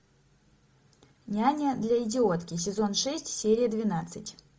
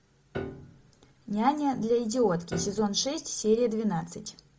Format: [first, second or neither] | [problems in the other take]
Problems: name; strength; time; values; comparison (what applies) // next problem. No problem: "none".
first | background sound (Piano); 13 dB below the speech